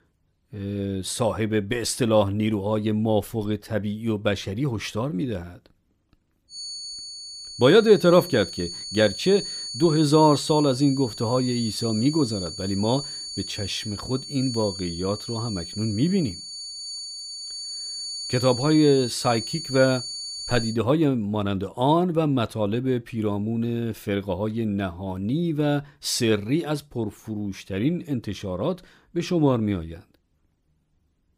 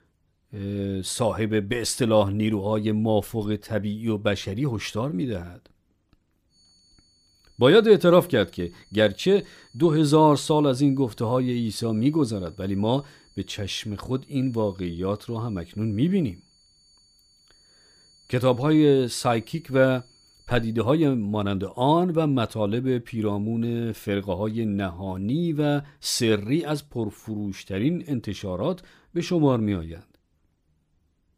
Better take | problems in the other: second | high-pitched whine; loud; from 6.5 to 21 s; 4.5 kHz, 8 dB below the speech; faint in the second

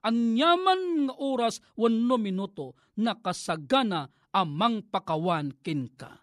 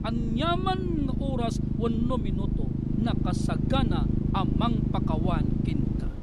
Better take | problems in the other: first | low rumble; loud; throughout; 4 dB below the speech

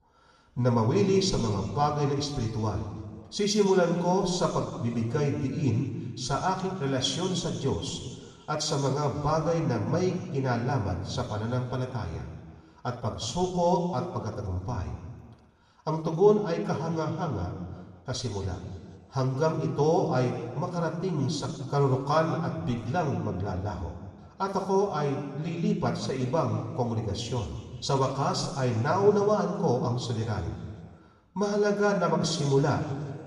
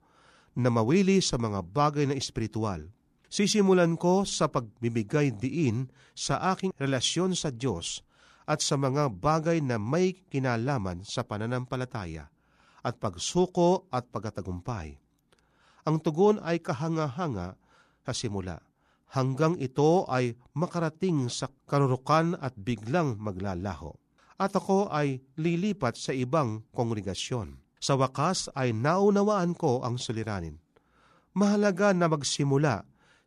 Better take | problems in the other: second | room echo; noticeable; dies away in 1.6 s // off-mic speech; somewhat distant

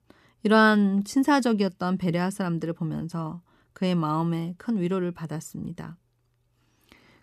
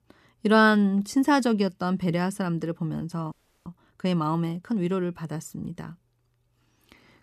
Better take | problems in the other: first | audio freezing; at 3.5 s

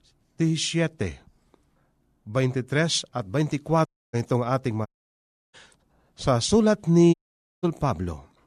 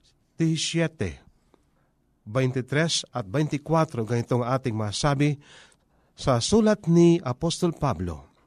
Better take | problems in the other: second | audio cutting out; at 4 s, at 5 s for 0.5 s and at 7 s

